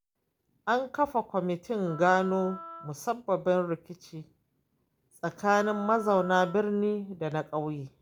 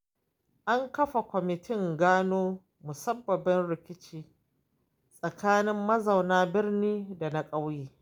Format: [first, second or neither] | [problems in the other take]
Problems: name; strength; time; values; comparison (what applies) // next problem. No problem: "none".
second | background sound (Wind instrument, woodwind instrument); 16 dB below the speech